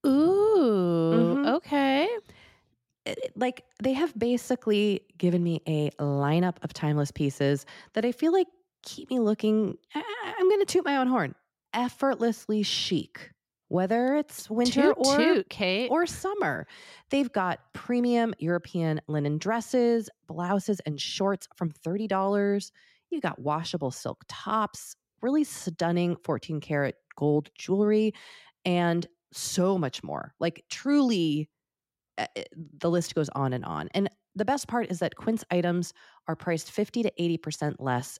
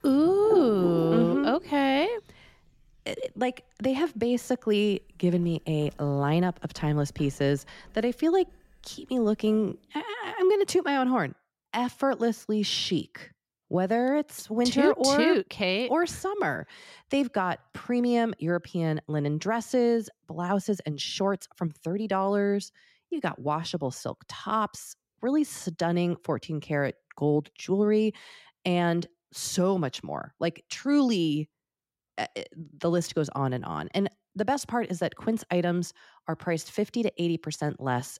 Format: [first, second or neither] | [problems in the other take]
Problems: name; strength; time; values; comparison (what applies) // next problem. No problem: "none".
first | household noises; loud; until 9.5 s; 8 dB below the speech